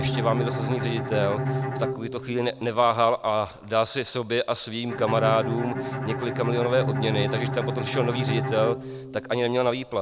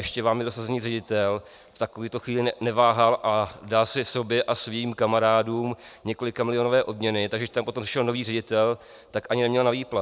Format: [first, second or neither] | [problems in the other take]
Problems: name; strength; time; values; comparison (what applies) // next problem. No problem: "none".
second | background sound (Bowed string instrument); 4 dB below the speech